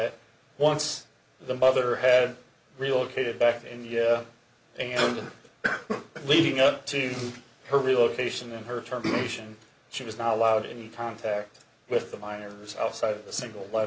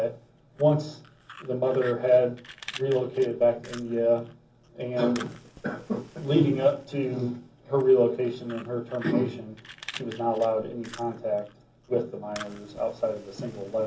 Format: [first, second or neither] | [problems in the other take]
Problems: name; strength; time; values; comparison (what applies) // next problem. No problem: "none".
first | background sound (Fire); 20 dB below the speech // room echo; dies away in 0.4 s